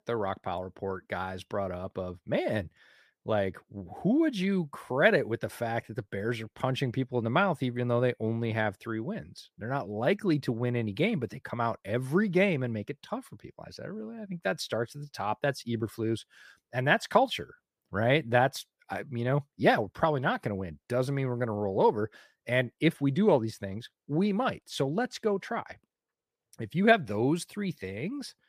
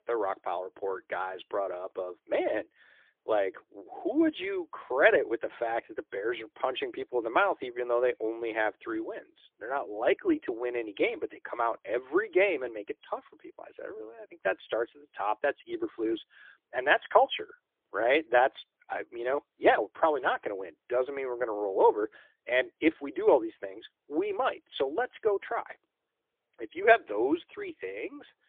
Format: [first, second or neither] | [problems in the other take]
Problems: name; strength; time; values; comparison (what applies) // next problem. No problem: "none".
first | phone-call audio; poor line; nothing above 3.5 kHz